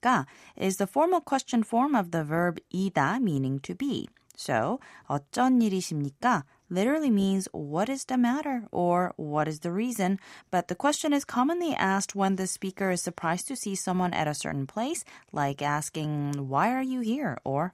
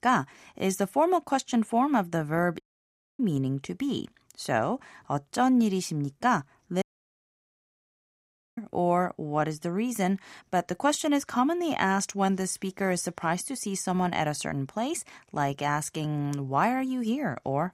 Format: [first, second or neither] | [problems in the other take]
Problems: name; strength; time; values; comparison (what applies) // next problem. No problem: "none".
first | audio cutting out; at 2.5 s for 0.5 s and at 7 s for 2 s